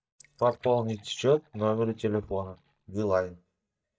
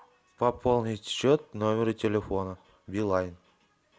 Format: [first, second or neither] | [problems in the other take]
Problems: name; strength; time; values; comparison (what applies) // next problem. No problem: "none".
second | noise reduction (neural mask model DeepFilterNet 3)